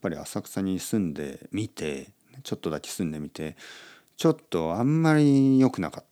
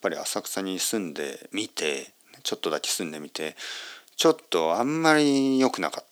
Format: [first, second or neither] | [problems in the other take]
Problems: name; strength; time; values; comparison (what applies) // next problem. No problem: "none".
first | thin; somewhat; fading below 450 Hz